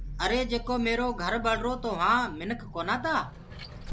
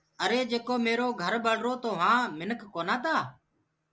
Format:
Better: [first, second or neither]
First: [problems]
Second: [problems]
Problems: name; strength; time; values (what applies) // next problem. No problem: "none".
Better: second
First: background sound (Vehicle); 10 dB below the speech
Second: none